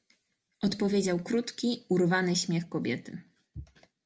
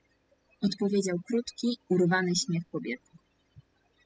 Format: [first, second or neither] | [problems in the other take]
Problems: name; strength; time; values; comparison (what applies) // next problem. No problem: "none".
first | noise reduction (classical method spectral subtraction)